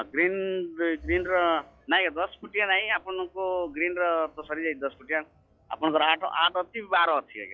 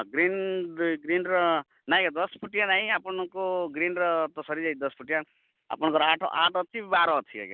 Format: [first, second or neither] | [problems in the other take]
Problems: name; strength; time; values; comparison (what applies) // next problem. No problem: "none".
second | noise reduction (classical method log-MMSE)